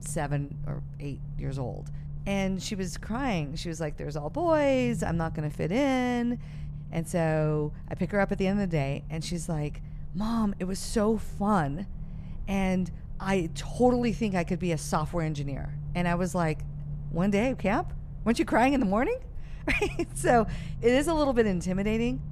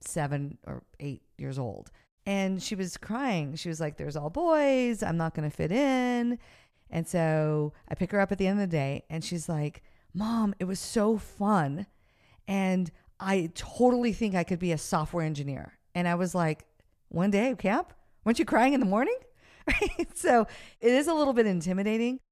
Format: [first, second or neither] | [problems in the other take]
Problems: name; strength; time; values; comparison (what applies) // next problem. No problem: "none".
second | low rumble; faint; throughout; 20 dB below the speech